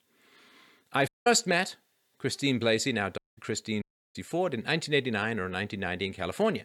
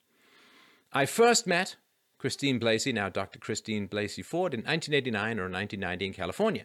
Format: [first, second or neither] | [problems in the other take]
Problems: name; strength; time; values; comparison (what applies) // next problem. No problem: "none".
second | audio cutting out; at 1 s, at 3 s and at 4 s